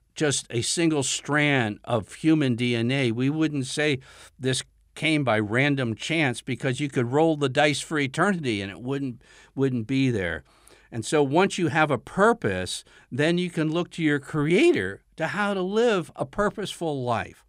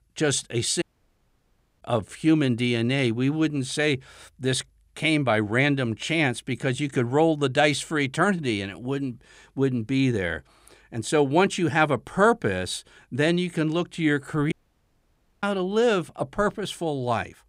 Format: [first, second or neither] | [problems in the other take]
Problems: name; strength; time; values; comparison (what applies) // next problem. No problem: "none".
first | audio cutting out; at 1 s for 1 s and at 15 s for 1 s